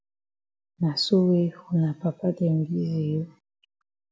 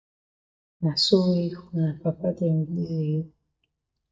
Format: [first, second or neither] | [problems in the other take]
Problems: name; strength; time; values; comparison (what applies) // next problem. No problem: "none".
first | noise reduction (neural mask model DeepFilterNet 3)